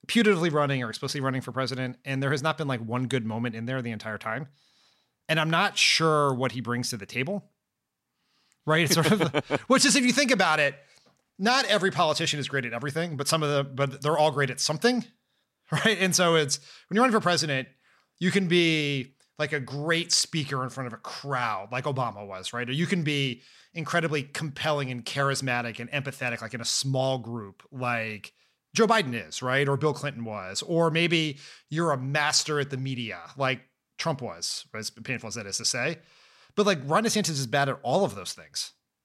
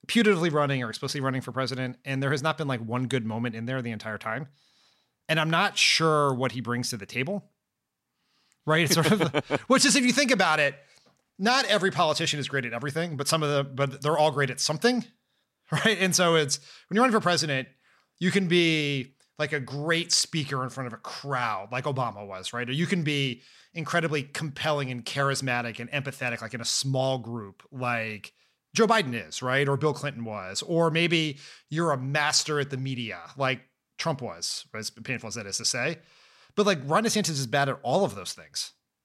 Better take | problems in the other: neither | none

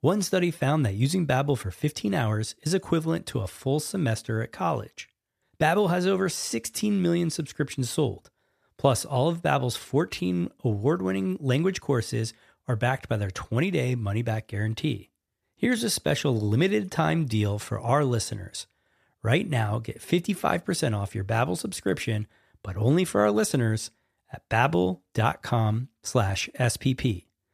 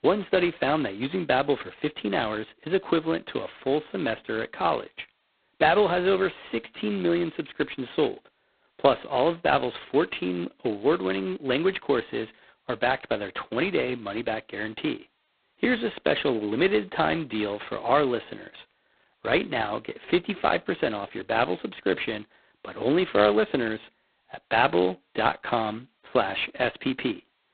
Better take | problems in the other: first | phone-call audio; poor line; nothing above 4 kHz

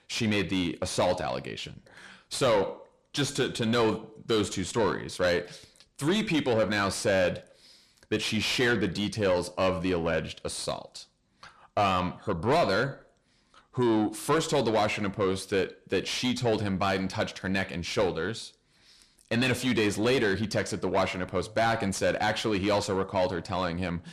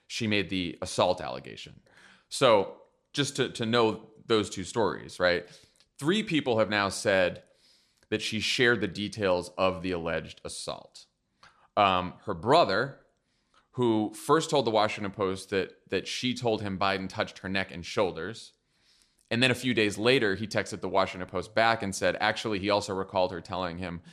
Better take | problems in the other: second | distortion; heavy; 7 dB below the speech

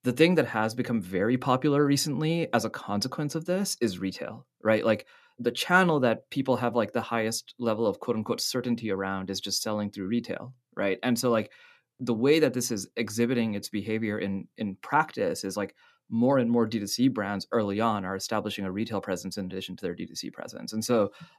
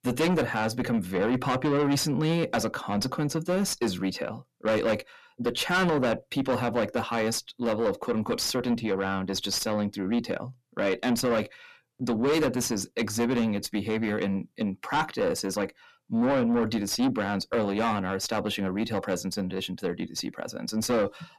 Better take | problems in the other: first | distortion; heavy; 7 dB below the speech

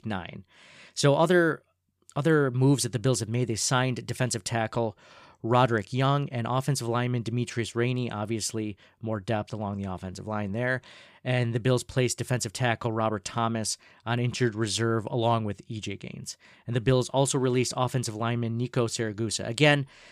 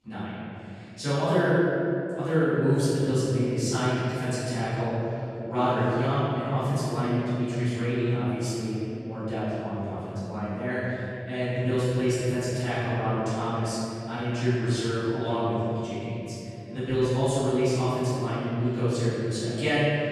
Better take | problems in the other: first | room echo; strong; dies away in 3 s // off-mic speech; far

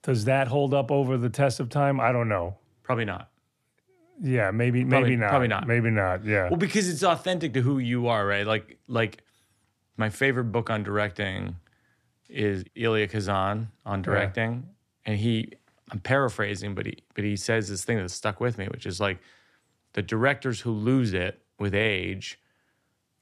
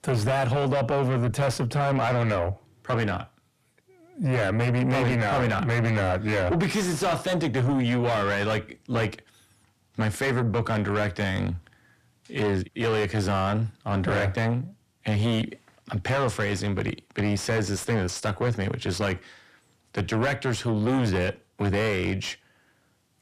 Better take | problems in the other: first | distortion; heavy; 5 dB below the speech

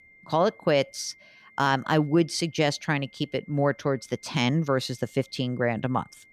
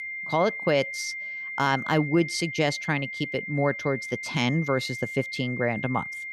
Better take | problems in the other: first | high-pitched whine; loud; throughout; 2 kHz, 6 dB below the speech; faint in the first

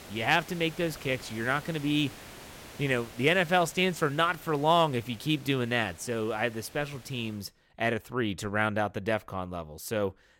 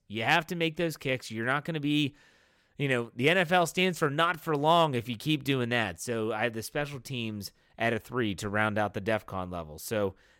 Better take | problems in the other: second | hiss; noticeable; until 7.5 s; 20 dB below the speech

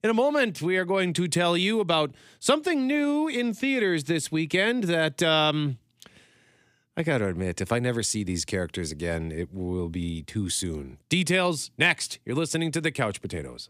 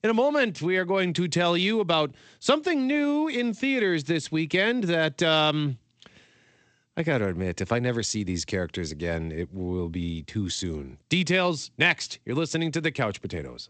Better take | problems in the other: first | garbled, watery; slightly; nothing above 8 kHz

